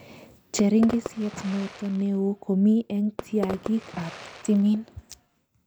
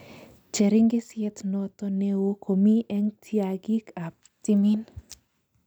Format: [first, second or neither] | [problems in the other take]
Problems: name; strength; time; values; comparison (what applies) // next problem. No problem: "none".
second | background sound (Fireworks); 14 dB below the speech